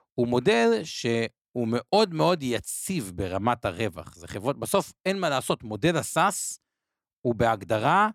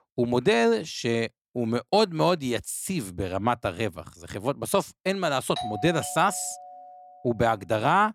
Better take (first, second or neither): first